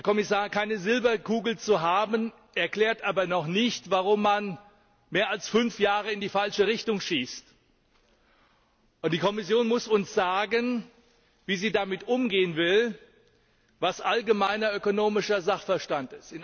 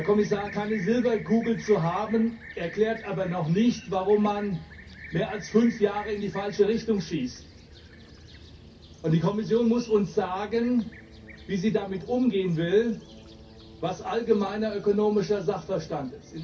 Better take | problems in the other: first | background sound (Fixed-wing aircraft, airplane); 19 dB below the speech // room echo; dies away in 0.3 s

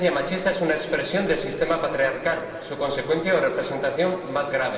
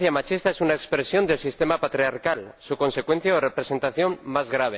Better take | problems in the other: second | room echo; dies away in 2.6 s

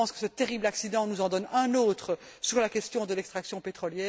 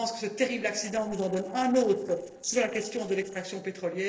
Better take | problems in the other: first | noise reduction (neural separator model SepFormer DNS4)

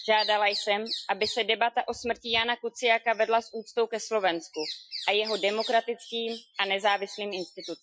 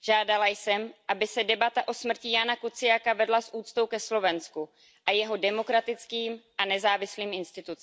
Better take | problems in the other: second | noise reduction (classical method Wiener filter)

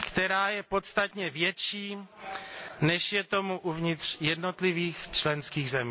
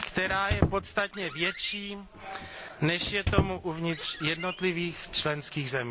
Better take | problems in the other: first | background sound (Squeak); 3 dB below the speech

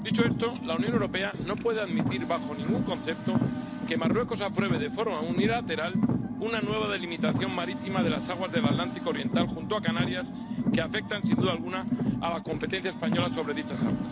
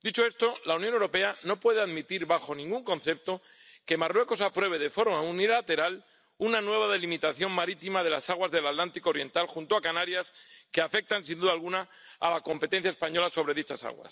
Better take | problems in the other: second | background sound (Car); 3 dB above the speech

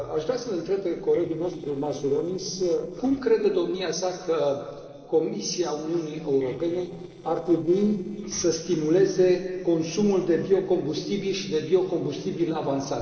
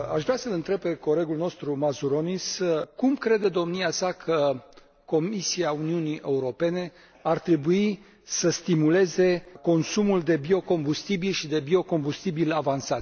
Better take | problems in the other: second | noise reduction (neural separator model SepFormer DNS4)

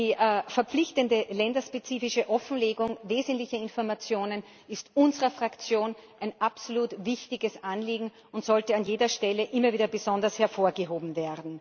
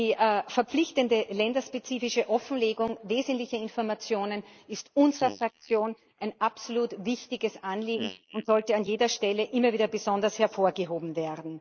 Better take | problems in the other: first | noise reduction (neural mask model Resemble Enhance denoiser)

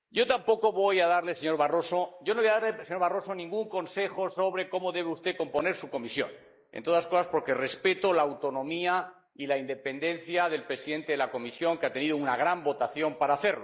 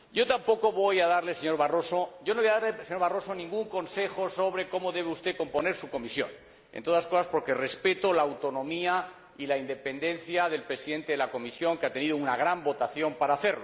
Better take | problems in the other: second | noise reduction (neural mask model Resemble Enhance denoiser)

